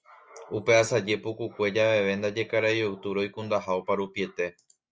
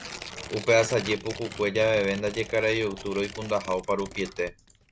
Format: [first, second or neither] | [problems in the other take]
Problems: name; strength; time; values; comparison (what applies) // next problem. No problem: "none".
first | background sound (Tearing); 14 dB below the speech